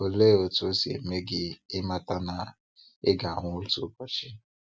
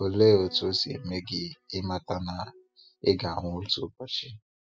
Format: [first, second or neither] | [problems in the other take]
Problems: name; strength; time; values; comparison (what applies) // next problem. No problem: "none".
first | noise reduction (classical method spectral subtraction)